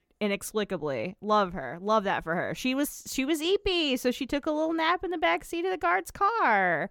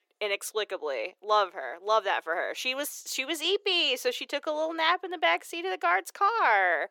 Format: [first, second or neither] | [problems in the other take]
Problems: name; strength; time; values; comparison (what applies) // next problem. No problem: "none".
first | thin; very; fading below 400 Hz